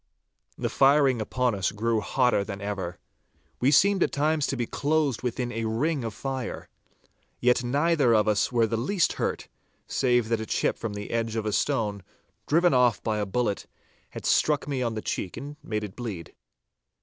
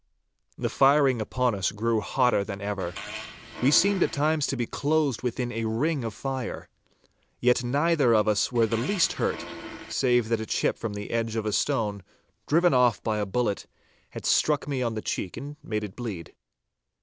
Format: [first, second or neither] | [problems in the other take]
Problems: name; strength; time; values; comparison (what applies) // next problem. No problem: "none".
first | background sound (Fart); 12 dB below the speech